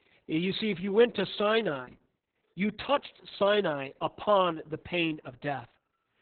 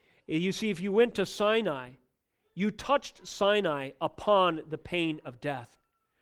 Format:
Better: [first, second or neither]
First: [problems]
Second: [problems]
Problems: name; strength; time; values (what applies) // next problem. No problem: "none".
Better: second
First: garbled, watery; badly; nothing above 4 kHz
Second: garbled, watery; slightly; nothing above 18.5 kHz